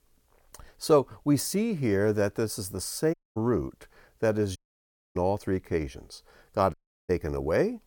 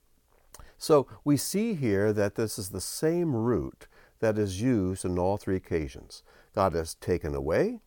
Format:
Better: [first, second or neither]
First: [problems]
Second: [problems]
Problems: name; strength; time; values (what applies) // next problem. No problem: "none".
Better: second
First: audio cutting out; at 3 s, at 4.5 s for 0.5 s and at 6.5 s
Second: none